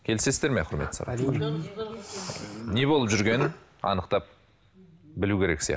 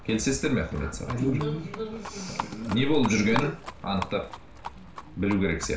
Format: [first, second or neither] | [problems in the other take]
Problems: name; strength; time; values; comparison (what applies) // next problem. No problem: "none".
first | background sound (Livestock, farm animals, working animals); 12 dB below the speech // room echo; dies away in 0.3 s